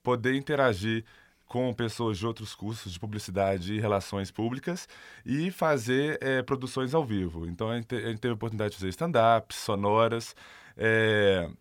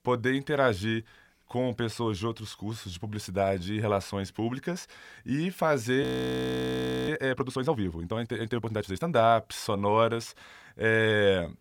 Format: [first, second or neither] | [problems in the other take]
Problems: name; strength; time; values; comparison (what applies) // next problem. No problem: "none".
first | audio freezing; at 6 s for 1 s